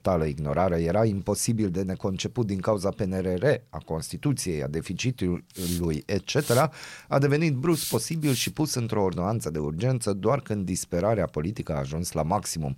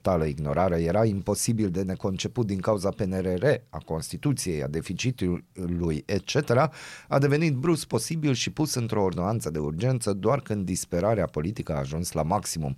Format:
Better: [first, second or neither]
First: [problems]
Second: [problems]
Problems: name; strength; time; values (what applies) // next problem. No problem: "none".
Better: second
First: hiss; loud; from 4 to 9 s; 9 dB below the speech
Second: none